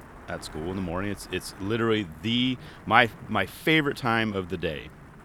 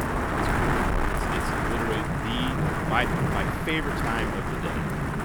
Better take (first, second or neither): first